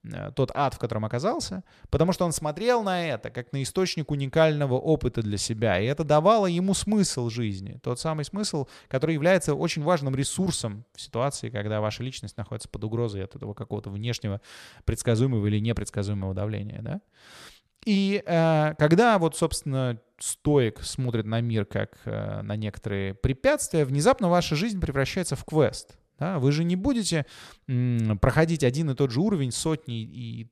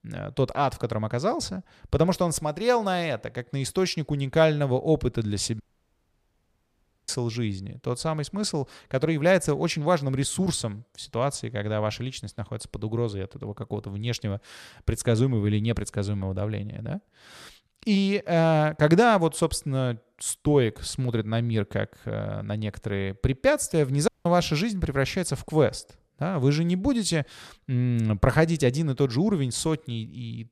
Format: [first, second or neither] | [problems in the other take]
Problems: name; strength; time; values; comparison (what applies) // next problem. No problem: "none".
first | audio cutting out; at 5.5 s for 1.5 s and at 24 s